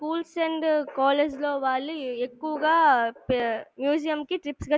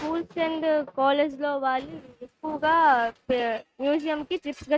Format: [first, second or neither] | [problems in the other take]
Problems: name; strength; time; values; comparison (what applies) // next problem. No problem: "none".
first | noise reduction (neural mask model RNNoise)